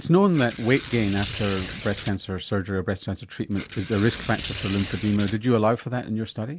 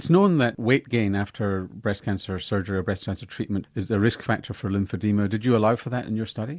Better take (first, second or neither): second